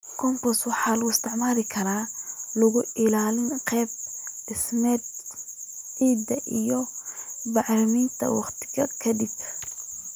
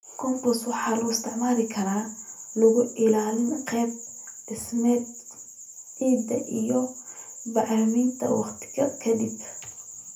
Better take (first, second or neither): first